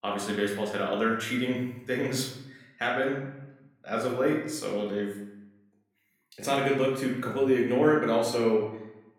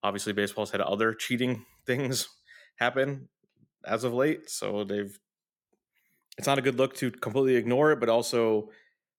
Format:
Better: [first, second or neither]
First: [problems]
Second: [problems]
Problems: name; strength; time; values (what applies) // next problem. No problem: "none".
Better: second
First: room echo; noticeable; dies away in 0.7 s // off-mic speech; far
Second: none